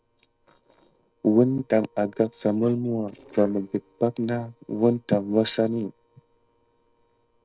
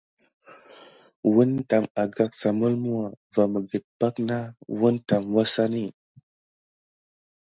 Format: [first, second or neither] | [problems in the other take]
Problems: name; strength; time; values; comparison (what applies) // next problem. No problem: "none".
second | noise reduction (neural separator model SepFormer DNS4)